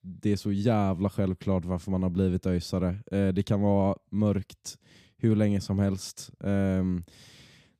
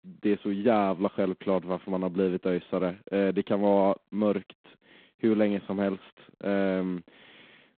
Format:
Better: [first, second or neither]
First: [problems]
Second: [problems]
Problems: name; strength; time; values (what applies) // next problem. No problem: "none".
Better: first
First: none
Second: phone-call audio; poor line; nothing above 4 kHz